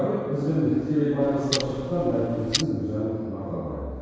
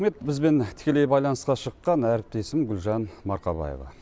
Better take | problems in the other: second | background sound (Clock); 9 dB below the speech // room echo; dies away in 2 s

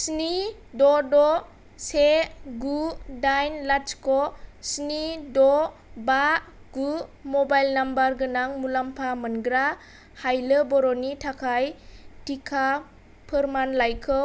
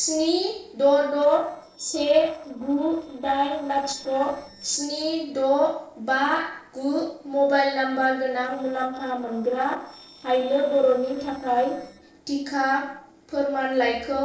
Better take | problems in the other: first | noise reduction (neural separator model SepFormer DNS4)

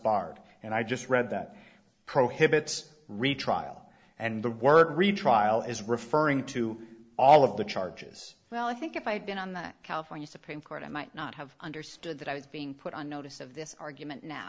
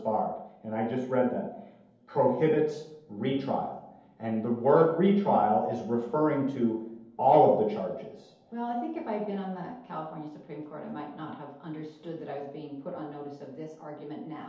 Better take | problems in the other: first | room echo; dies away in 0.8 s

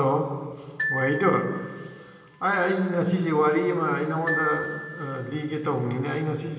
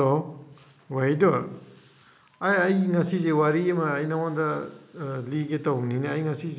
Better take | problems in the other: second | background sound (Glockenspiel); 8 dB below the speech // room echo; dies away in 2.4 s

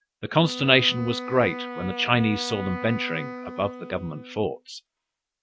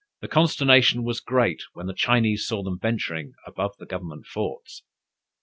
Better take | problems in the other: second | background sound (Wind instrument, woodwind instrument); 11 dB below the speech

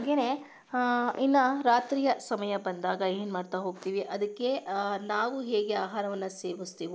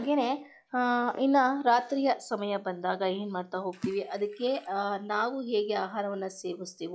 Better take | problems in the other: first | noise reduction (classical method log-MMSE)

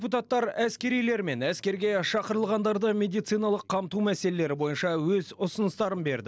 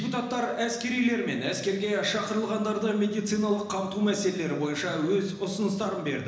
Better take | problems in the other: first | room echo; dies away in 1 s

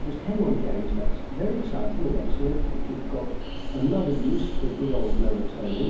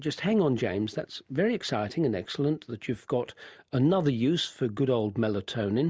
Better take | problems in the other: second | background sound (Train); 3 dB above the speech // room echo; dies away in 1.2 s

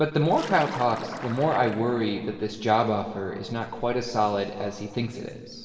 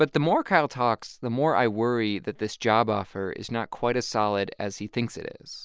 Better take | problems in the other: second | background sound (Splash, splatter); 13 dB below the speech // room echo; dies away in 1.7 s

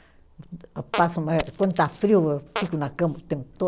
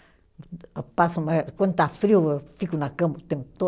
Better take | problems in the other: second | background sound (Coin (dropping) + Fart); 14 dB below the speech

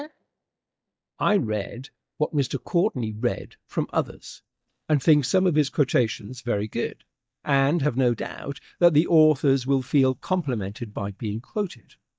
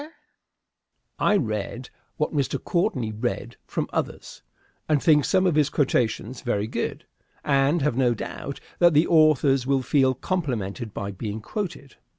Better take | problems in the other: second | noise reduction (neural mask model DeepFilterNet 3)

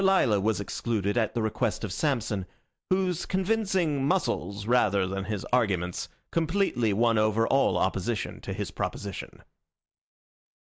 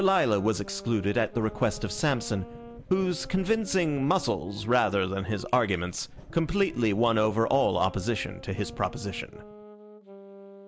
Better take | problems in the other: first | background sound (Engine starting / Car + Wind instrument, woodwind instrument); 17 dB below the speech

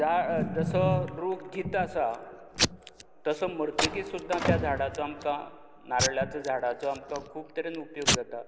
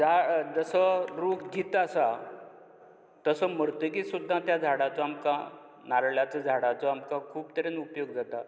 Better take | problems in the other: second | background sound (Packing tape, duct tape / Tearing + Slam); 2 dB below the speech

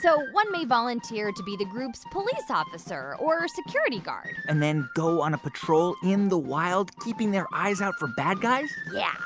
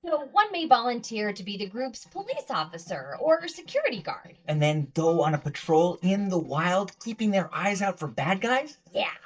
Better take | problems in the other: first | noise reduction (neural mask model DeepFilterNet 3)

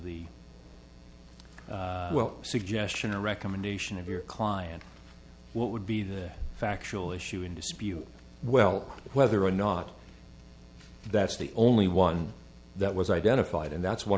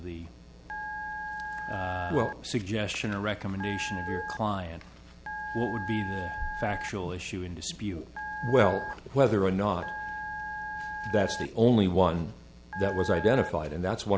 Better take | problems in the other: first | background sound (Telephone); 9 dB below the speech

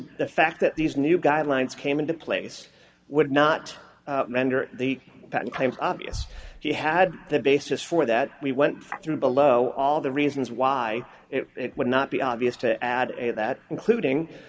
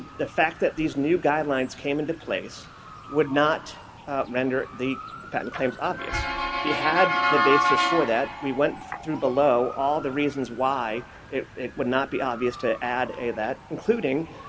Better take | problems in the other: first | background sound (Motor vehicle (road) / Siren); 6 dB below the speech

